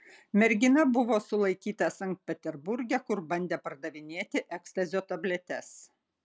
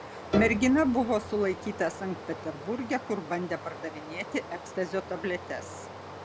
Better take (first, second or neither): first